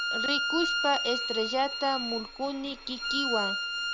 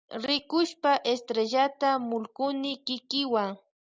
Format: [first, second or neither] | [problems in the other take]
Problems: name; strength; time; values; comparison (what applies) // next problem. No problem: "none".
second | background sound (Bowed string instrument); as loud as the speech